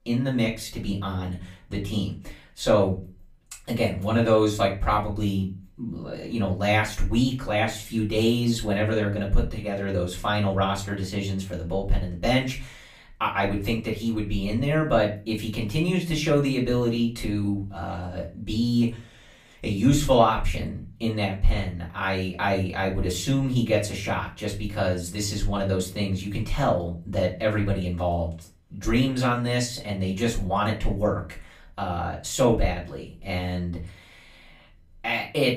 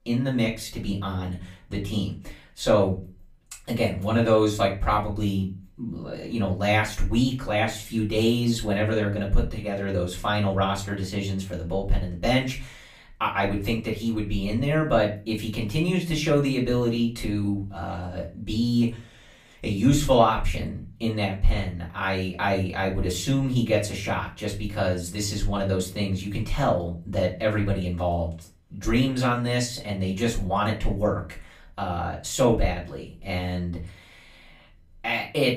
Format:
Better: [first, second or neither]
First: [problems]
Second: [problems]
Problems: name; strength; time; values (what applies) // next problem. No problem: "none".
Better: neither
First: off-mic speech; far // room echo; slight; dies away in 0.3 s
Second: off-mic speech; far // room echo; slight; dies away in 0.3 s